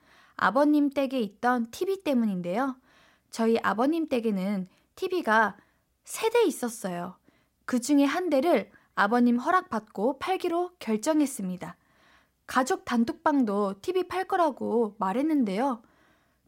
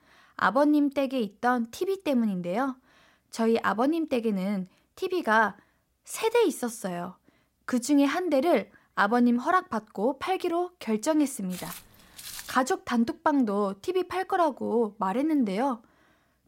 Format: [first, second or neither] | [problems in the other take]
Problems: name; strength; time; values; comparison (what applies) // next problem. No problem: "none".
first | footsteps; faint; from 12 to 13 s; peak 10 dB below the speech